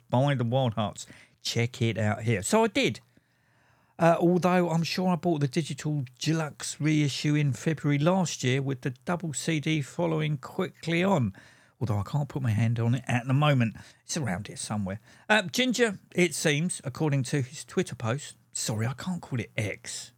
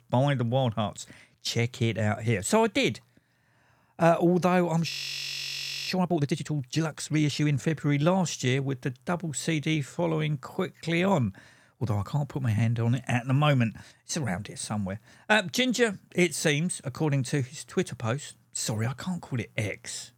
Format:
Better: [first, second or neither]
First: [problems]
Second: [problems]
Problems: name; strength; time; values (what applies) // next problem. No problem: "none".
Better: first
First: none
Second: audio freezing; at 5 s for 1 s